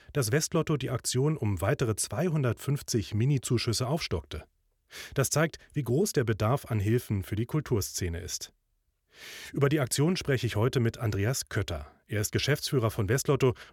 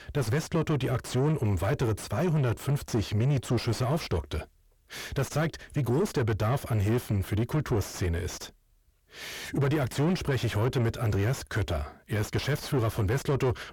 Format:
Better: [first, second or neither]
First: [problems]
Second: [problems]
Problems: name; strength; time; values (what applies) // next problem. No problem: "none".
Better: first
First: none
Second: distortion; heavy; 6 dB below the speech